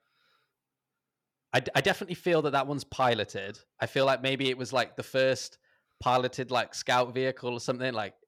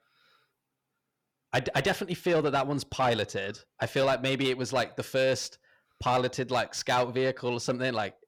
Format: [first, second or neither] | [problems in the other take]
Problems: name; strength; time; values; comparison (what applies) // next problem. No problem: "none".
first | distortion; slight; 10 dB below the speech